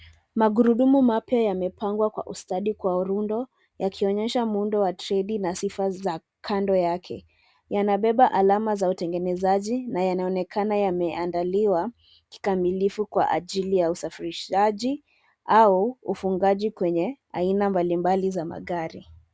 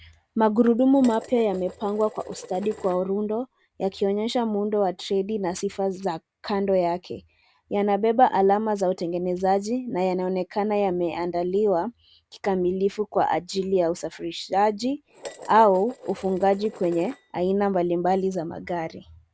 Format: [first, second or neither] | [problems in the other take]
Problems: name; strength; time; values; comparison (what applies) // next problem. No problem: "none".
first | background sound (Dishes, pots, and pans); 19 dB below the speech